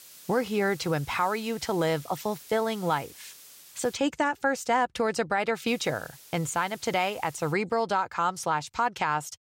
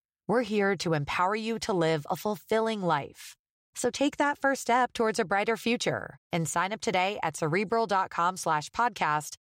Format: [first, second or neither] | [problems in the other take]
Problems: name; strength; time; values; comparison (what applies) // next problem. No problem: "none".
second | hiss; noticeable; until 4 s and from 5.5 to 7.5 s; 20 dB below the speech